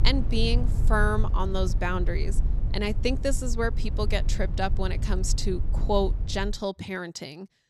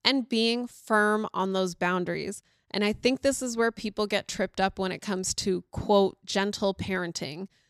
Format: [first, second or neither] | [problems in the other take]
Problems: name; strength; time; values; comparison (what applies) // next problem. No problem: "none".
second | low rumble; noticeable; until 6.5 s; 15 dB below the speech